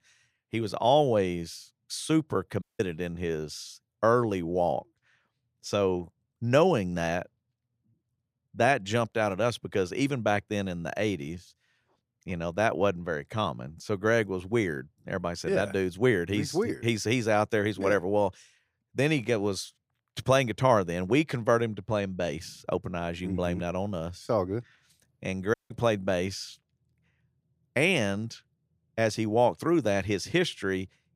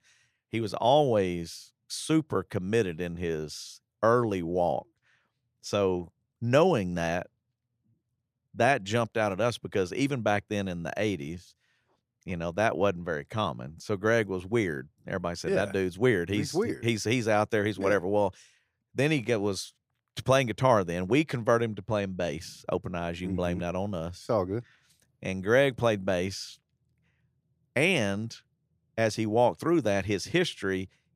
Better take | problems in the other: second | audio cutting out; at 2.5 s and at 26 s

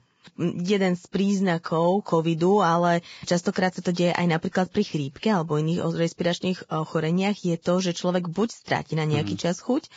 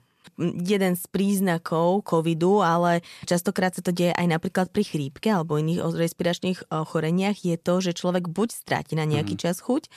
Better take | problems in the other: second | garbled, watery; badly; nothing above 7.5 kHz

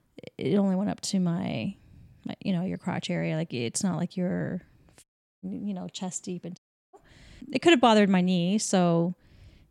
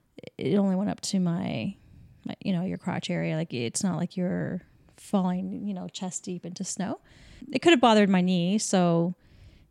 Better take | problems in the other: second | audio cutting out; at 5 s and at 6.5 s

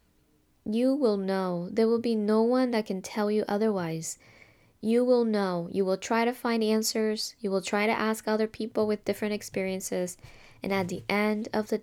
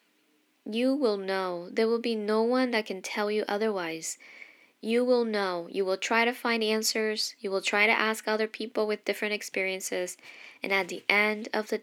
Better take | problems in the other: first | thin; very slightly; fading below 250 Hz

